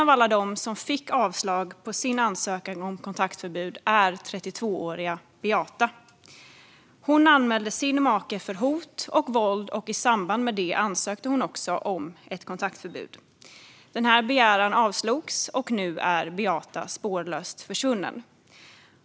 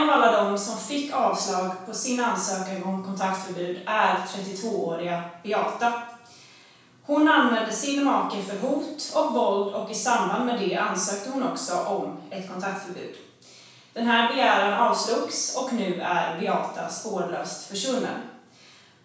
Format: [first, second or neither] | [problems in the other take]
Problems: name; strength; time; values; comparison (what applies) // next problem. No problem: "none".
first | room echo; dies away in 0.7 s